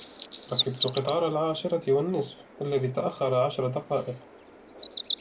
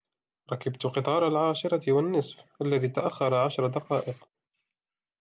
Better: second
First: background sound (Bird vocalization, bird call, bird song); 8 dB below the speech // room echo; dies away in 0.2 s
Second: none

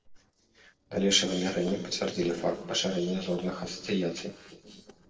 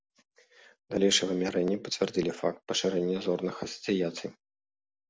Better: second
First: noise reduction (neural separator model SepFormer DNS4)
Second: none

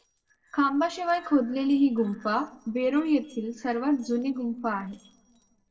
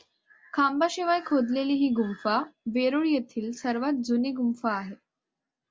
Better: second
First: noise reduction (neural separator model SepFormer DNS4)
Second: none

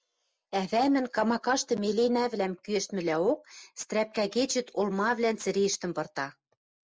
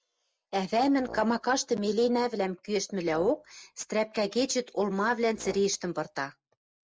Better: first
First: none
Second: background sound (Brass instrument); 19 dB below the speech

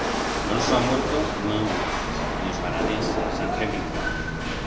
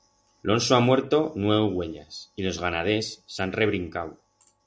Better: second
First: background sound (Rattle / Chatter / Hiss / Engine / Mechanisms); 4 dB above the speech // room echo; dies away in 0.5 s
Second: none

